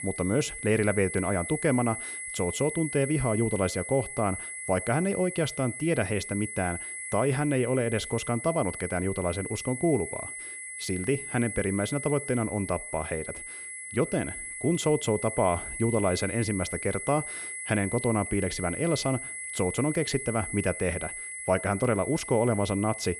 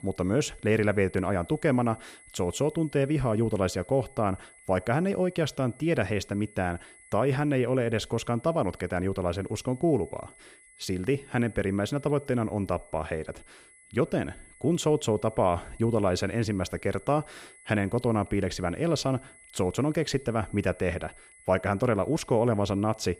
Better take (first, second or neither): second